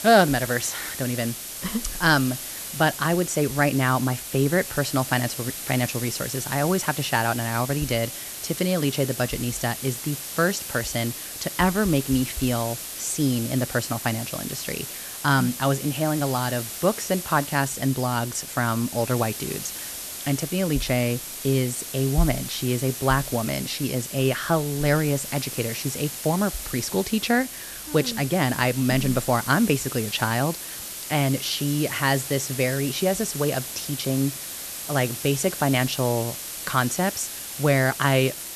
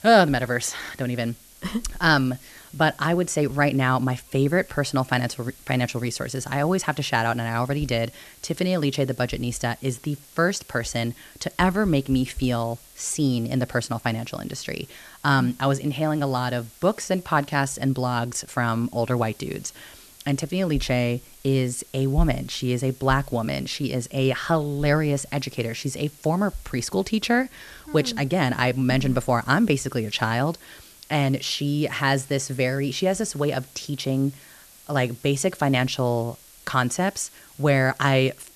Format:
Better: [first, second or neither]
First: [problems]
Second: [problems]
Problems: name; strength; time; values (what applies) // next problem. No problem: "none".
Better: second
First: hiss; loud; throughout; 7 dB below the speech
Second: hiss; faint; throughout; 25 dB below the speech